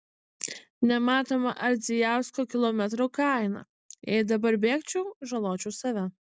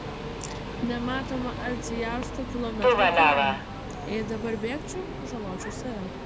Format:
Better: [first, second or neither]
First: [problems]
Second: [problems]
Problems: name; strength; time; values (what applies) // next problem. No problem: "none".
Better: first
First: none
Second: background sound (Subway, metro, underground); 5 dB above the speech